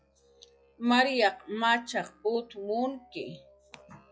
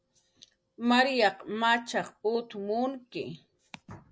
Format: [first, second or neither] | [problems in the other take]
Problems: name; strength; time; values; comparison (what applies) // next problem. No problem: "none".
second | noise reduction (classical method log-MMSE)